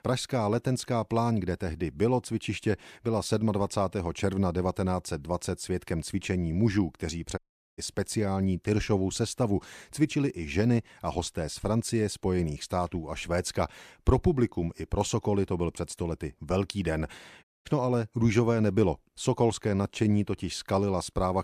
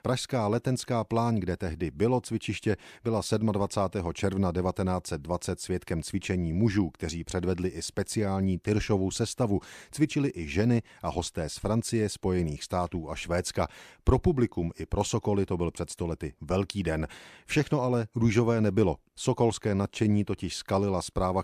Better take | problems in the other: second | audio cutting out; at 7.5 s and at 17 s

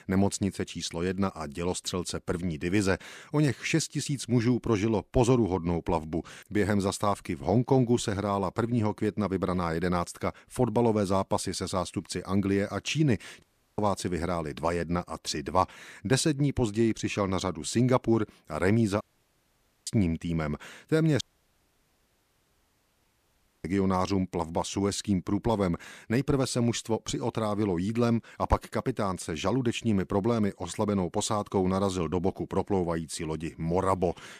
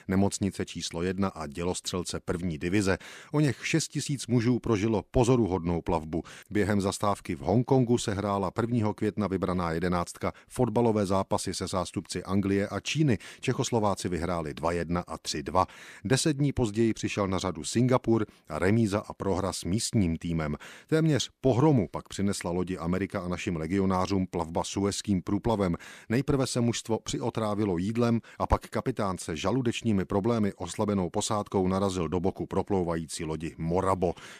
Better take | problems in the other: second | audio cutting out; at 13 s, at 19 s for 1 s and at 21 s for 2.5 s

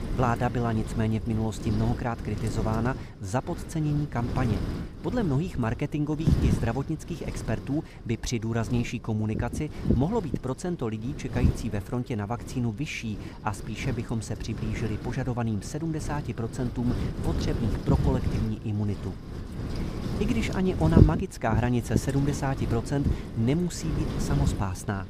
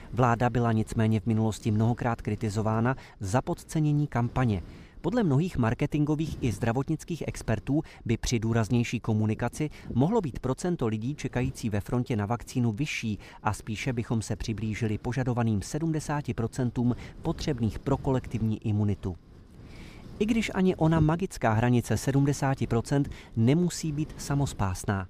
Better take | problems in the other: second | wind noise on the microphone; heavy; 6 dB below the speech; occasional gusts in the second

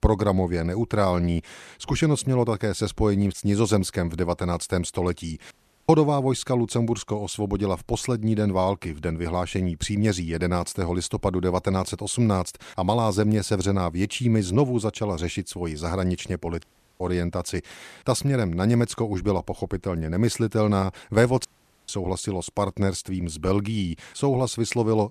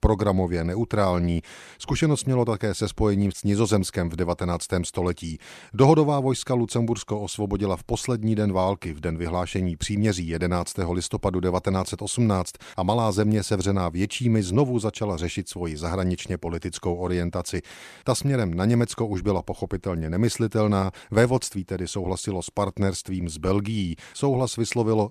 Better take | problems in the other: second | audio cutting out; at 5.5 s, at 17 s and at 21 s

